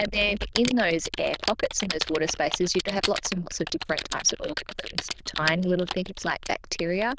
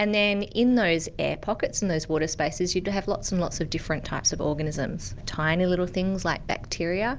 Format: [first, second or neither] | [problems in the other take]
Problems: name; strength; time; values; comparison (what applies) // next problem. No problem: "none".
second | noise reduction (neural diffusion model UNIVERSE++)